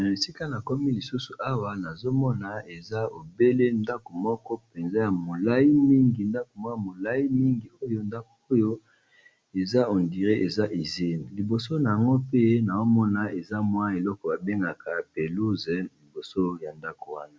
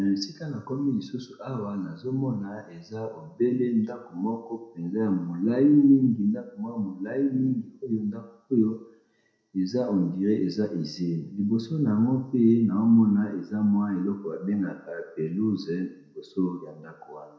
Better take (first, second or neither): first